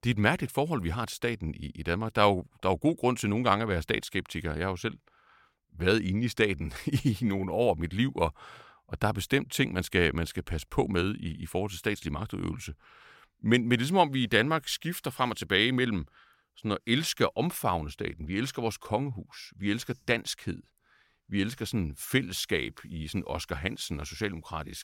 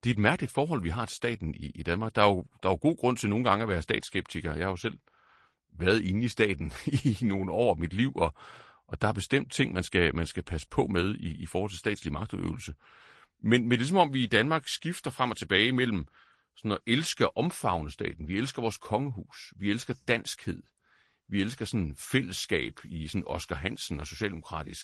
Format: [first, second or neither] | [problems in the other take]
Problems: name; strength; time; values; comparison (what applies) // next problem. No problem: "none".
first | garbled, watery; slightly; nothing above 12 kHz